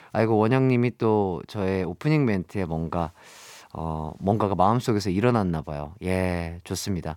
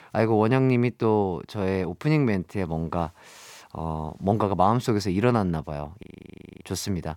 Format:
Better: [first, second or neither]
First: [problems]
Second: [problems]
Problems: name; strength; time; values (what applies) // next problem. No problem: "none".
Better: first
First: none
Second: audio freezing; at 6 s for 0.5 s